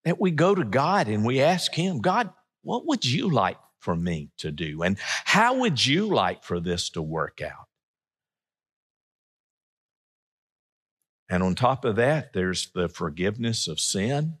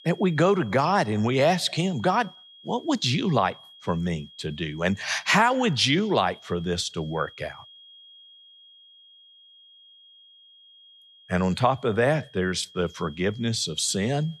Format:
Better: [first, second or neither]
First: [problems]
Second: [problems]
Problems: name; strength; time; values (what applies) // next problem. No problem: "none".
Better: first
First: none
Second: high-pitched whine; faint; throughout; 3.5 kHz, 25 dB below the speech